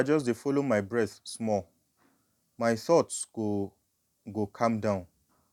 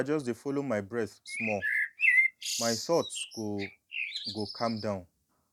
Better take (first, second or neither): first